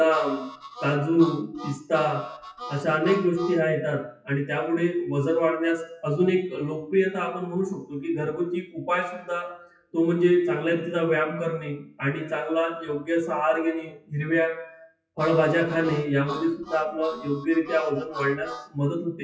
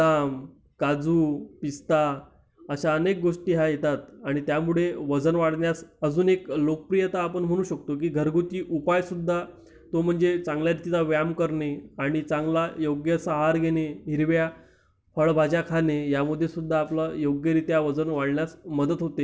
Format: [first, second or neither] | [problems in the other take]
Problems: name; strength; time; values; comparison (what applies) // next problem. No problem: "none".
second | noise reduction (classical method WPE with log-MMSE)